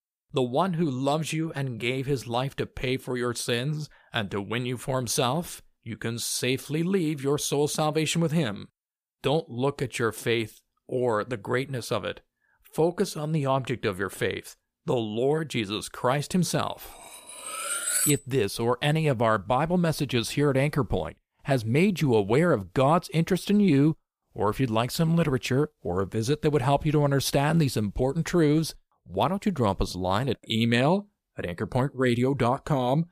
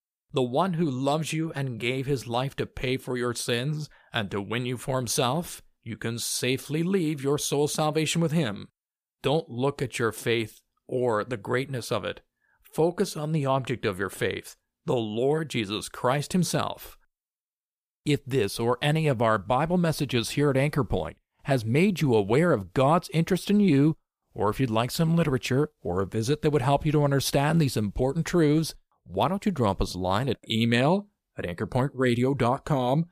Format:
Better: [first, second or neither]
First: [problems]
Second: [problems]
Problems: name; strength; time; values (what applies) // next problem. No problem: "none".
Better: second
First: clattering dishes; loud; from 17 to 18 s; peak 3 dB above the speech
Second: none